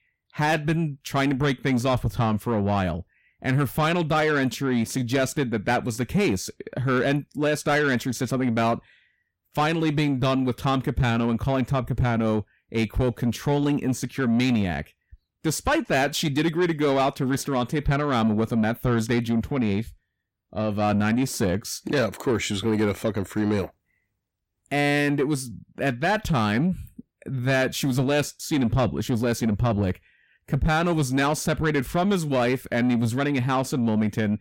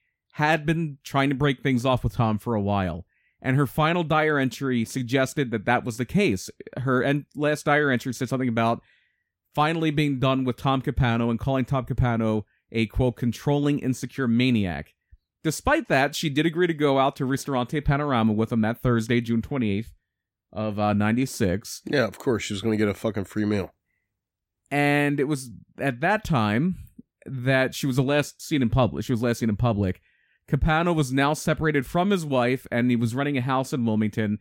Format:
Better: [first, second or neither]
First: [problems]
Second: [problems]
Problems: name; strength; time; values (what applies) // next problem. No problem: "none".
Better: second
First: distortion; slight; 10 dB below the speech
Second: none